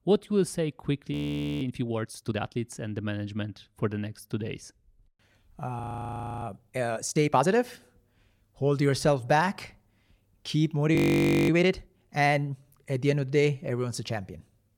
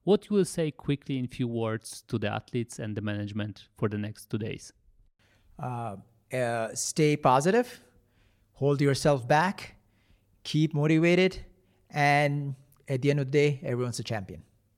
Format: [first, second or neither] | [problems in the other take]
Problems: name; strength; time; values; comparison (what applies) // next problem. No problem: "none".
second | audio freezing; at 1 s, at 6 s for 0.5 s and at 11 s for 0.5 s